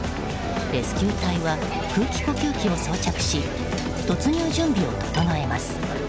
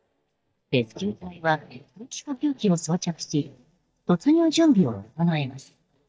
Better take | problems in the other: first | noise reduction (neural mask model DeepFilterNet 3)

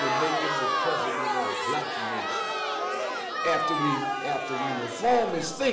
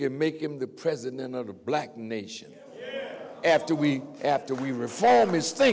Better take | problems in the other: second | background sound (Crowd); 2 dB above the speech // room echo; dies away in 1.6 s

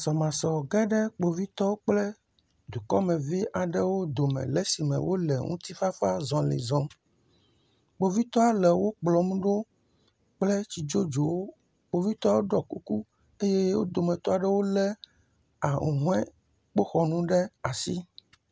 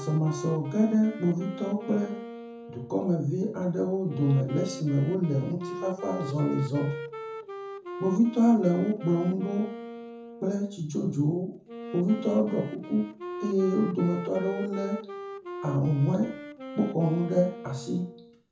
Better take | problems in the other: first | background sound (Wind instrument, woodwind instrument); 12 dB below the speech // room echo; dies away in 0.6 s

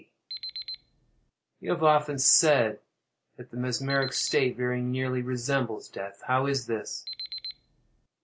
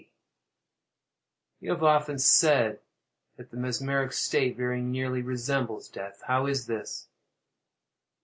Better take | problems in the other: second | background sound (Alarm); 11 dB below the speech

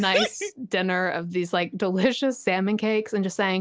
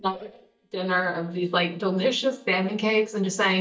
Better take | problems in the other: first | noise reduction (neural mask model DeepFilterNet 3)

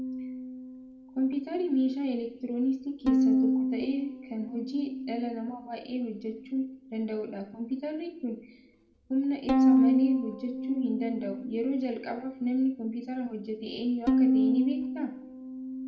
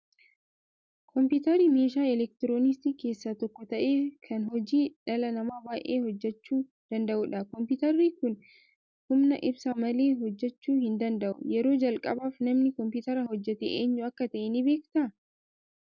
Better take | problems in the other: second | background sound (Bowed string instrument); 2 dB above the speech // room echo; dies away in 0.6 s

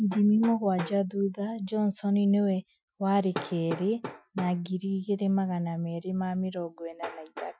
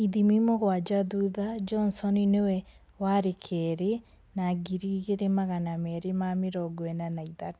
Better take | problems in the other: second | noise reduction (classical method Wiener filter)

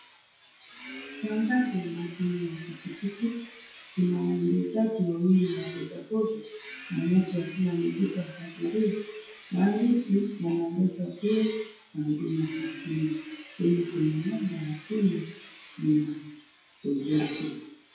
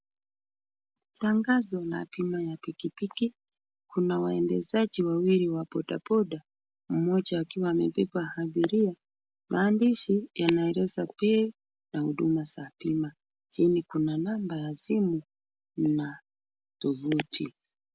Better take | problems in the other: second | noise reduction (classical method WPE with log-MMSE)

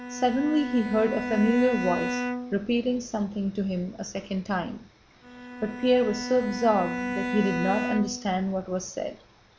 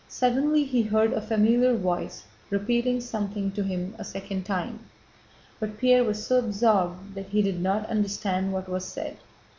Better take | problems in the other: second | background sound (Bowed string instrument); 7 dB below the speech

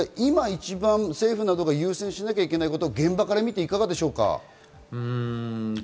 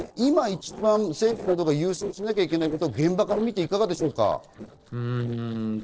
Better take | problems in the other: first | noise reduction (neural separator model SepFormer DNS4)

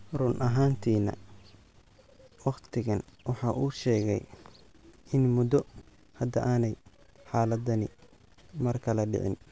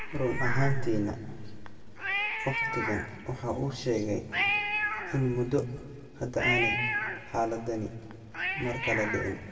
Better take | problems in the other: first | background sound (Cat); 3 dB below the speech // room echo; dies away in 1.1 s

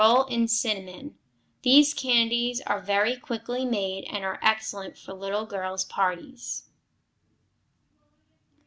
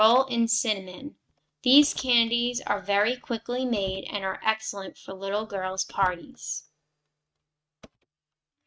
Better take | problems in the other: first | noise reduction (neural mask model RNNoise)

